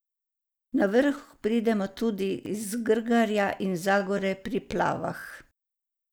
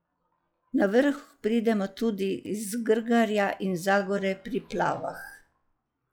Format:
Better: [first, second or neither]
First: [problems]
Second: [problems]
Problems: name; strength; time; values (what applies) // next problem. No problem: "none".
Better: first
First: none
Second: noise reduction (classical method log-MMSE)